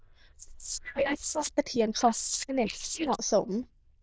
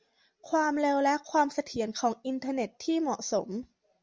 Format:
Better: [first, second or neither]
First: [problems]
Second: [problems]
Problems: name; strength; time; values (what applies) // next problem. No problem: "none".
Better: second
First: noise reduction (neural diffusion model UNIVERSE++)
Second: none